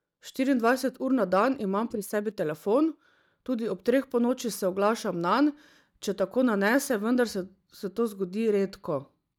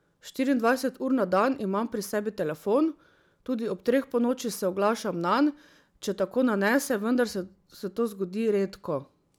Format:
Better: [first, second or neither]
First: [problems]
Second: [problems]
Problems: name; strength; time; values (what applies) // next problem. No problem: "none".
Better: second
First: noise reduction (neural mask model DeepFilterNet 3)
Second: none